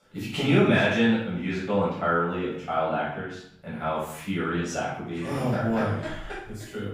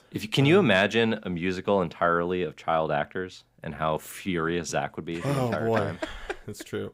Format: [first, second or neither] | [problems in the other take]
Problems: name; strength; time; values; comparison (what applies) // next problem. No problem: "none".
second | off-mic speech; far // room echo; noticeable; dies away in 0.6 s